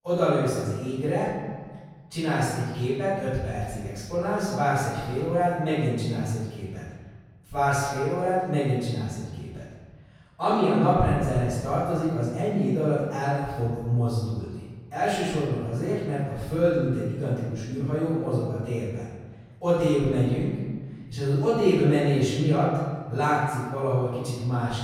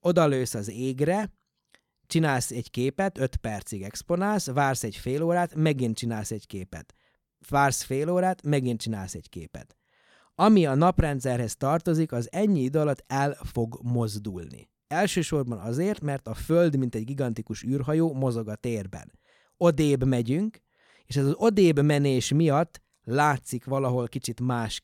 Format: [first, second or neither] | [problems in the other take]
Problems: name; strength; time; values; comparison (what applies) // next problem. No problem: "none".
second | off-mic speech; far // room echo; strong; dies away in 1.5 s